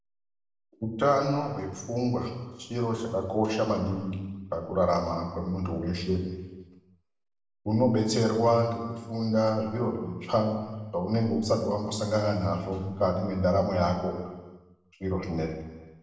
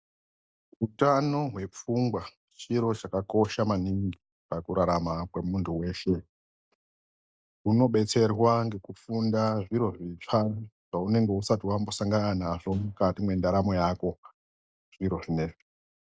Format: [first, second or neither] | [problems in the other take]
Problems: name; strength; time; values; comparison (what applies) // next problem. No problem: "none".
second | room echo; dies away in 1.1 s